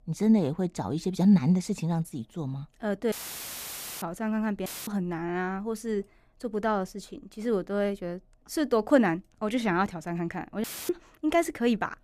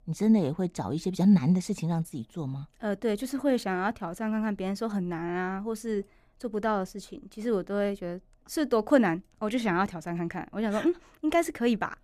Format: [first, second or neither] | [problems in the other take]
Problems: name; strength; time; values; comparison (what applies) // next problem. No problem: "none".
second | audio cutting out; filled with static; at 3 s for 1 s, at 4.5 s and at 11 s